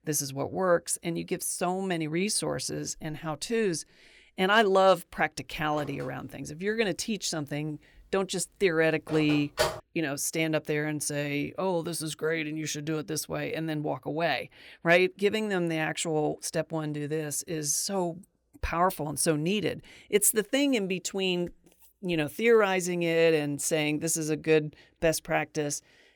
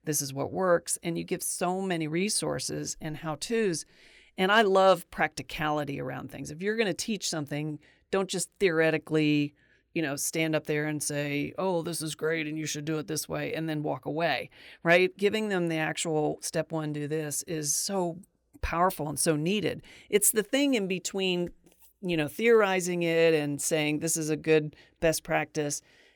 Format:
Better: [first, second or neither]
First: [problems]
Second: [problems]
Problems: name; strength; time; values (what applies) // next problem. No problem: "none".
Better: second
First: phone ringing; noticeable; from 6 to 10 s; peak 1 dB below the speech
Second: none